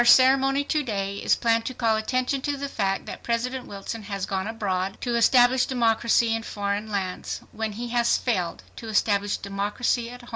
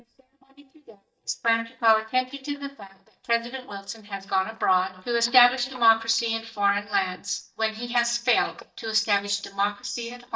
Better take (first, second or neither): first